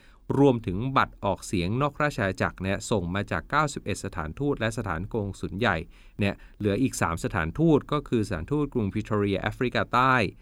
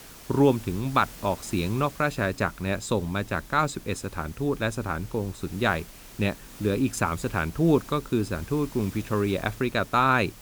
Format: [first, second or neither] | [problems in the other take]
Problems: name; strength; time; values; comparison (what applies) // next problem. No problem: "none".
first | hiss; noticeable; throughout; 20 dB below the speech